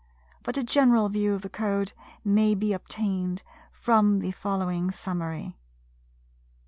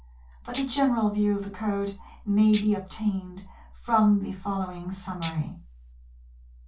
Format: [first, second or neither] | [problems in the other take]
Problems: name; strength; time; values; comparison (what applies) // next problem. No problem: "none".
first | background sound (Tambourine); 18 dB below the speech // room echo; dies away in 0.2 s